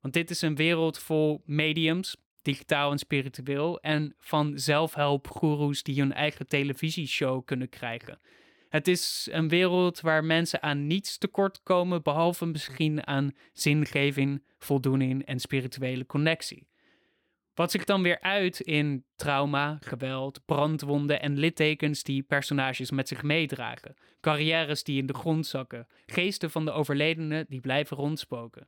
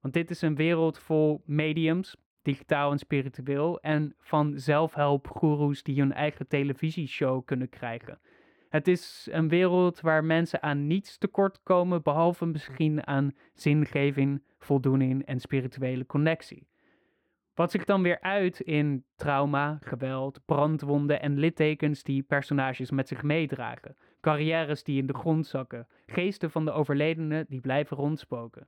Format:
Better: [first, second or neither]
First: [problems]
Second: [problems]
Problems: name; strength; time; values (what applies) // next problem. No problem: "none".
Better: first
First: none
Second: muffled; slightly; fading above 3 kHz